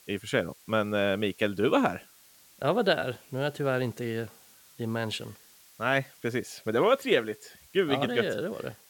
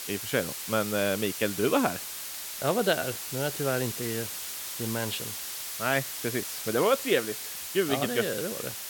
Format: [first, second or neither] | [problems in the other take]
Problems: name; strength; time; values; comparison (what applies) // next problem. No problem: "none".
first | hiss; loud; throughout; 5 dB below the speech; faint in the first